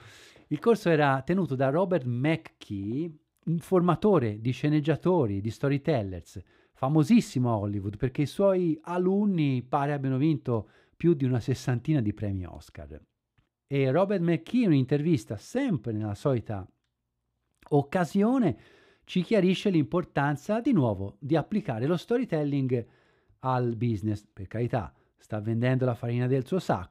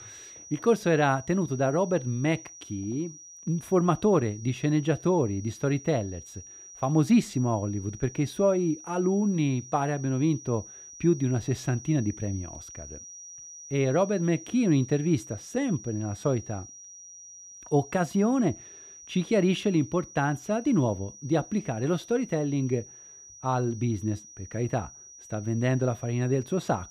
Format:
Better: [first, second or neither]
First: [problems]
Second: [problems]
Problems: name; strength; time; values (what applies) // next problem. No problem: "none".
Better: first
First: none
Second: high-pitched whine; noticeable; throughout; 6 kHz, 15 dB below the speech